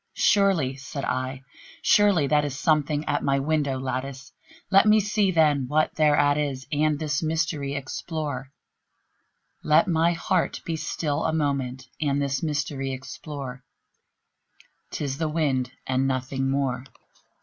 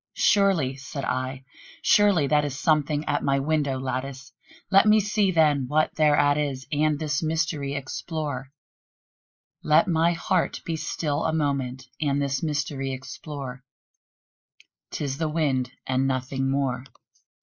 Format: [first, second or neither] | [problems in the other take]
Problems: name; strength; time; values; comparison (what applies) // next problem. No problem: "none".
first | noise reduction (neural mask model Resemble Enhance denoiser)